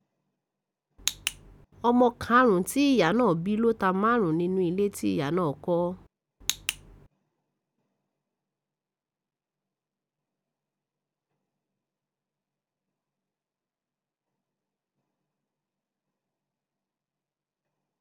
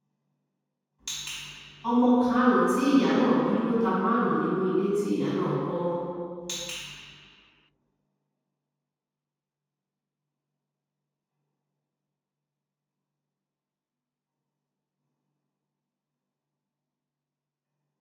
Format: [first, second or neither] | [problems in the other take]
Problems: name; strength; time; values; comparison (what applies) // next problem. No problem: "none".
first | room echo; dies away in 2.1 s